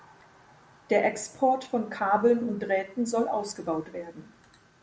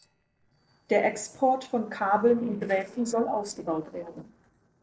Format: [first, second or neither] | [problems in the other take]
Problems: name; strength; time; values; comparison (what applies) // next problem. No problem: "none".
first | noise reduction (neural separator model SepFormer DNS4)